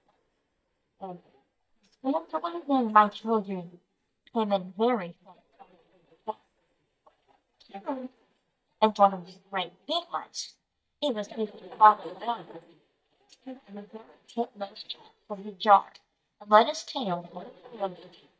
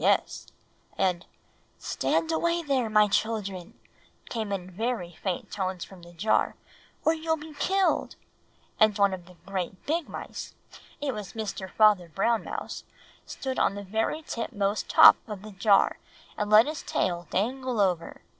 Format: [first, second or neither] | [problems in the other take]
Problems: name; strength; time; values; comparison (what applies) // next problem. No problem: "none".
second | noise reduction (neural mask model DeepFilterNet 3)